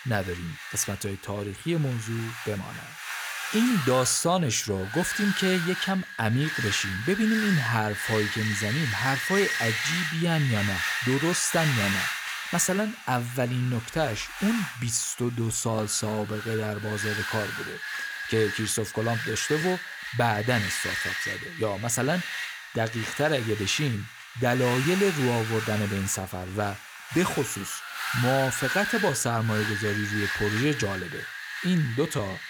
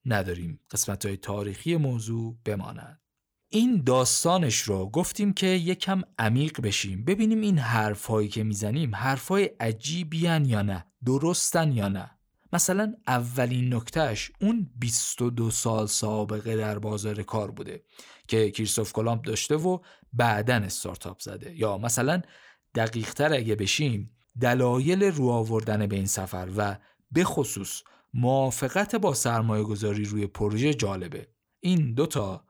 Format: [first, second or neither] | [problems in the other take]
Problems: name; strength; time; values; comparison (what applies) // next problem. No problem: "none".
second | wind noise on the microphone; heavy; as loud as the speech